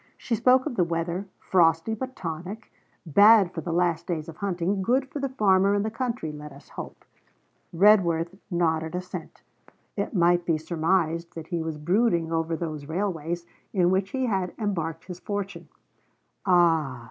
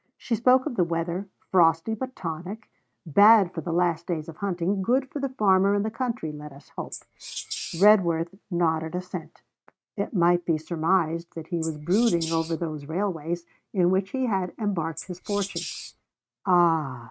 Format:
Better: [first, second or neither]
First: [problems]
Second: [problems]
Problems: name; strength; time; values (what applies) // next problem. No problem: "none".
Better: first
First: none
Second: noise reduction (neural mask model RNNoise)